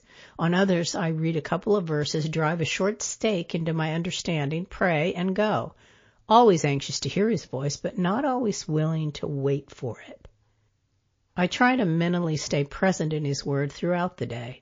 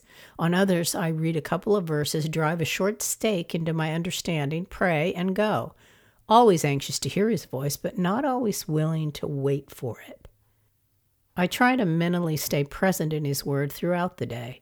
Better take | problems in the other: second | garbled, watery; slightly

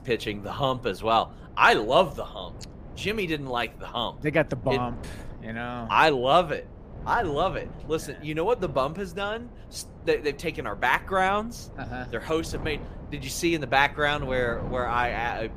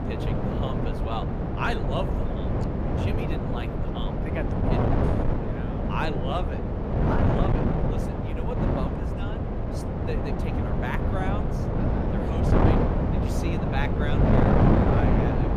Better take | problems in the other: first | wind noise on the microphone; heavy; 4 dB above the speech; occasional gusts in the first

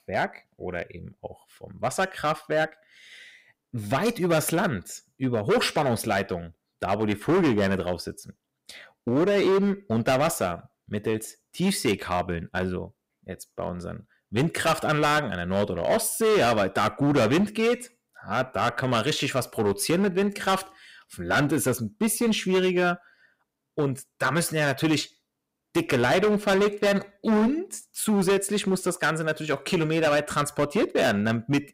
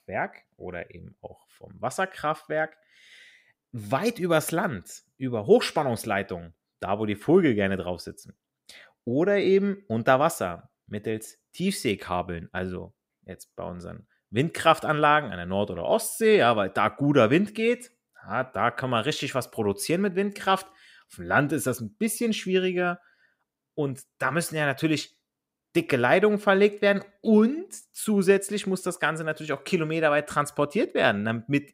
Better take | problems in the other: second | distortion; heavy; 10% of the sound clipped

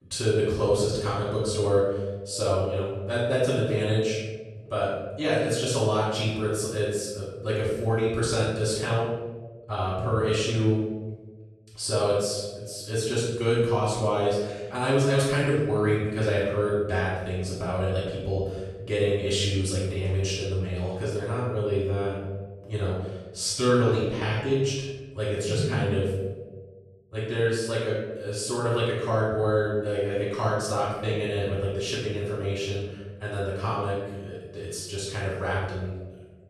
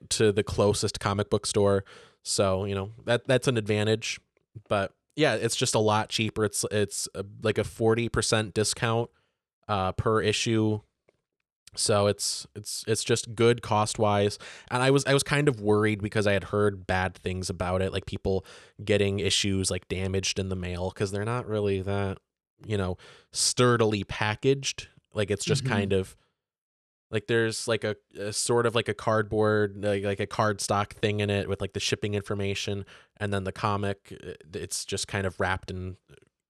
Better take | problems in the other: second | off-mic speech; far // room echo; strong; dies away in 1.2 s

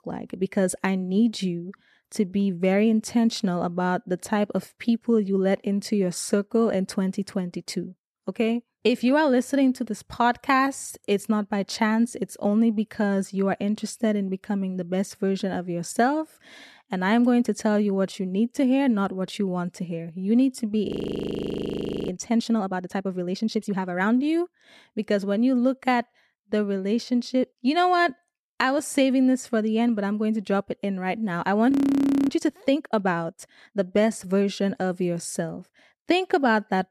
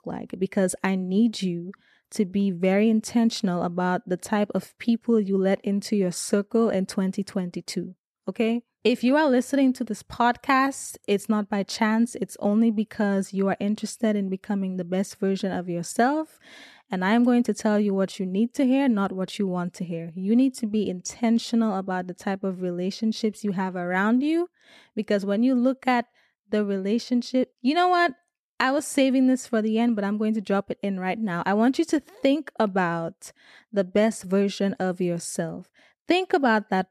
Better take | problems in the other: second | audio freezing; at 21 s for 1 s and at 32 s for 0.5 s

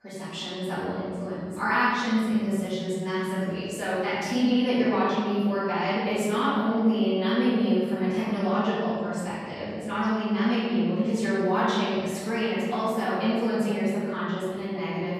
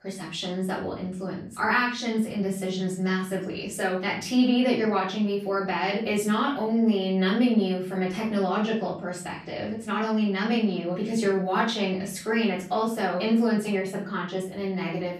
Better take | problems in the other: second | room echo; strong; dies away in 2 s; slight in the second // off-mic speech; far; far in the second

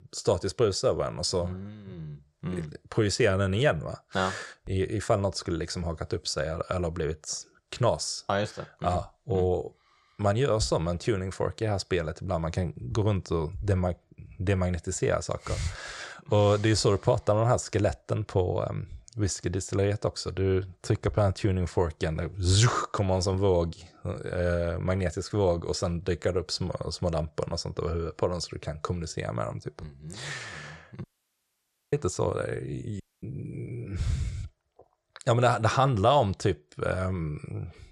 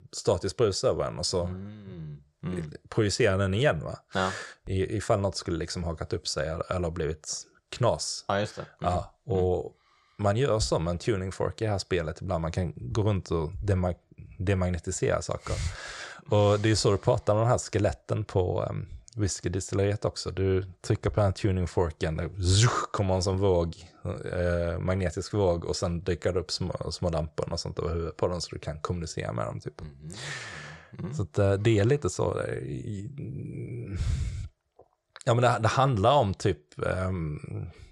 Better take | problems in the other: second | audio cutting out; at 31 s for 1 s and at 33 s

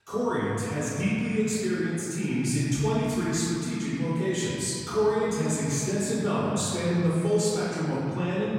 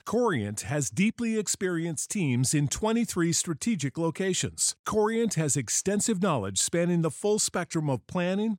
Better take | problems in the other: second | off-mic speech; far // room echo; strong; dies away in 2.6 s

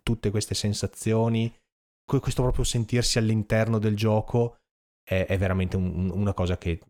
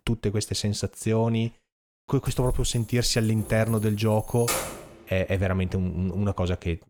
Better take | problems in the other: first | jangling keys; noticeable; from 2.5 to 5 s; peak 1 dB below the speech

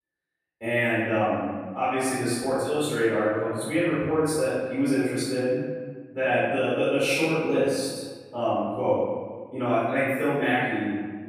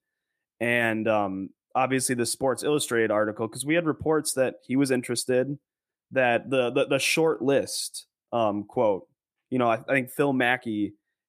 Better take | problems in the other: second | off-mic speech; far // room echo; strong; dies away in 1.5 s

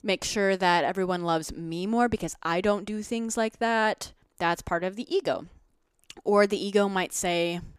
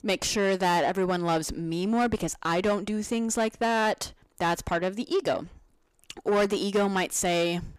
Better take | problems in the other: first | distortion; slight; 10 dB below the speech

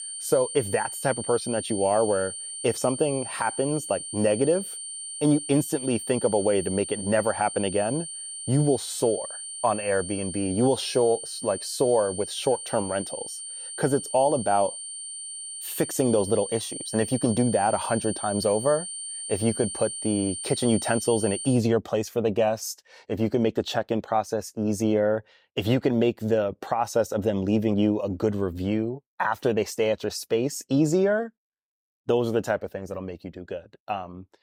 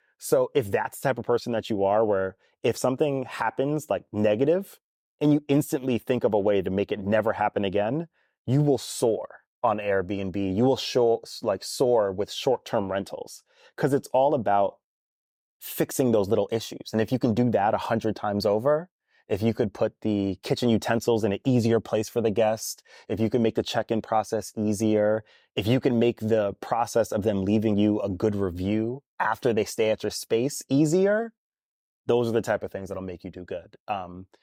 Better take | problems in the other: second | high-pitched whine; loud; until 22 s; 9 kHz, 8 dB below the speech

